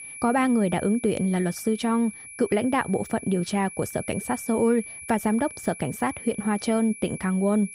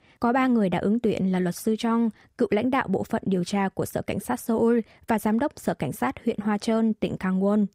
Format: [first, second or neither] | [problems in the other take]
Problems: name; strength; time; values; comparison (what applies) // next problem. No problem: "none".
second | high-pitched whine; noticeable; throughout; 2.5 kHz, 15 dB below the speech